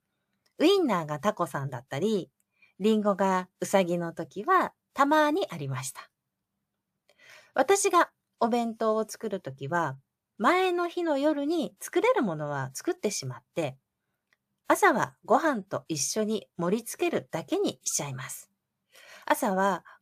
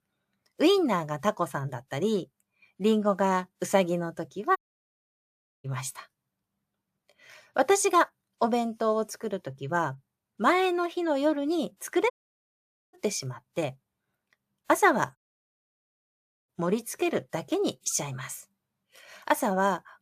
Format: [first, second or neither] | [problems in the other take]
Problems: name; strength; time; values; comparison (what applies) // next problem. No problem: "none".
first | audio cutting out; at 4.5 s for 1 s, at 12 s for 1 s and at 15 s for 1.5 s